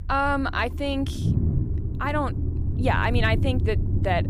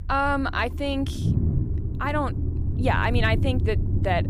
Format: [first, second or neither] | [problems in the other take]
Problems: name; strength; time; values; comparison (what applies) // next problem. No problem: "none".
neither | low rumble; noticeable; throughout; 15 dB below the speech; the same in both